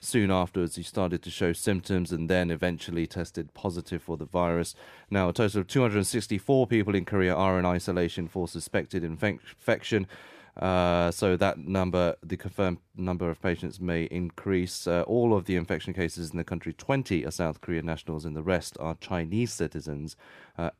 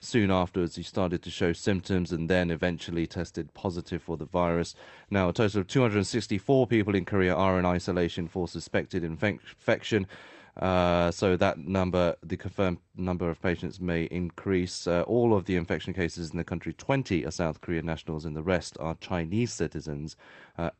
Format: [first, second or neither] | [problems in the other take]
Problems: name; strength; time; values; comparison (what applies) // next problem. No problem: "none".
first | garbled, watery; slightly; nothing above 8 kHz